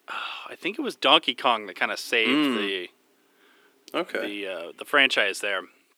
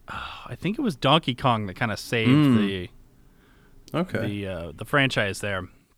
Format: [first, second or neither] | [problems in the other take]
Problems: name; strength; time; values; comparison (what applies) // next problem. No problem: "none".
second | thin; somewhat; fading below 350 Hz